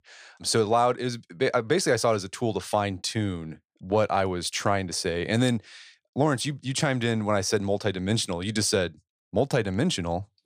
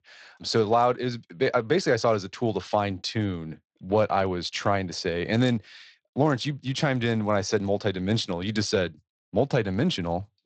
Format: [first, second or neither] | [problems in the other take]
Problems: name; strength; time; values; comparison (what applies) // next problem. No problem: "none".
first | garbled, watery; slightly; nothing above 7.5 kHz